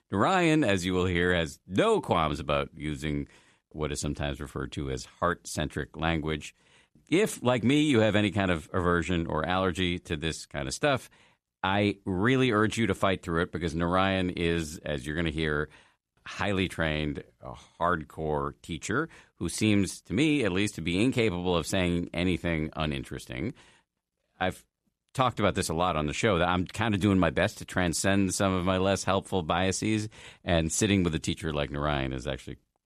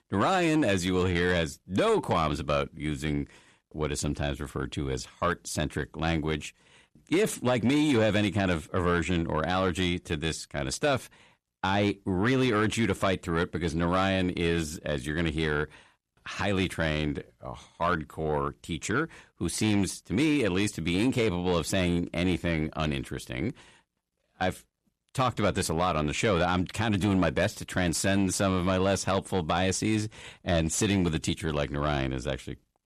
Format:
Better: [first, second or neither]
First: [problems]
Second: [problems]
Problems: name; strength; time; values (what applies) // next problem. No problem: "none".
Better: first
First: none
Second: distortion; slight; 10 dB below the speech